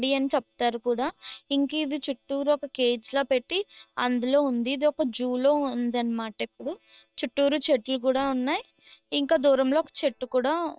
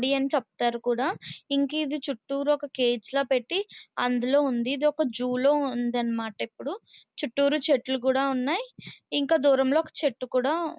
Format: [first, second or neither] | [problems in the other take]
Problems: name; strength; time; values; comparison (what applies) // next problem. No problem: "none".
second | noise reduction (neural separator model SepFormer WHAM!)